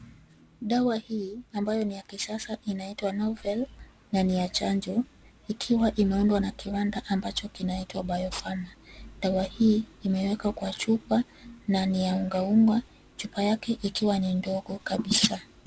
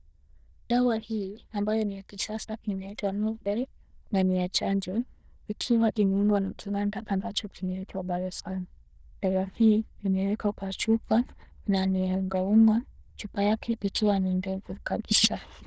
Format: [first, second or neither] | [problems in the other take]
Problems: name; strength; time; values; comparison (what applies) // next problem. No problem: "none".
first | noise reduction (neural diffusion model UNIVERSE++)